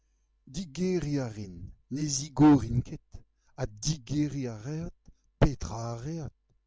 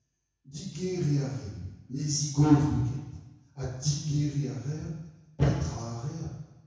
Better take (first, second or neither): first